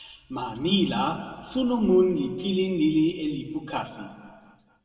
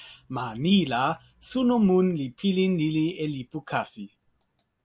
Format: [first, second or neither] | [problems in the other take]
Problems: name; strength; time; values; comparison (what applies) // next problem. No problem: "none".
second | room echo; dies away in 1.7 s